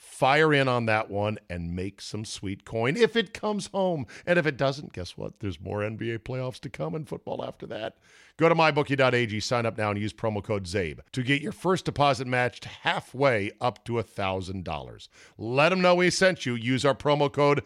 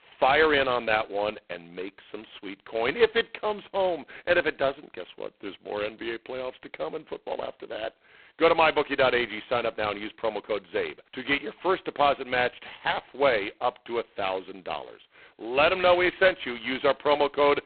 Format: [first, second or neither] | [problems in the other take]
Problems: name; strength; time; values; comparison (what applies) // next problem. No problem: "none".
first | phone-call audio; poor line; nothing above 4 kHz